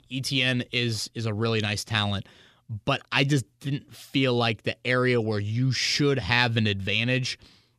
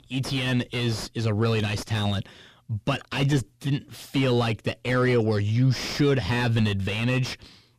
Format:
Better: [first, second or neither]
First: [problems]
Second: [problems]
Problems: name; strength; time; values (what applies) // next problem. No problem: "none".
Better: first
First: none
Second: distortion; heavy; 5 dB below the speech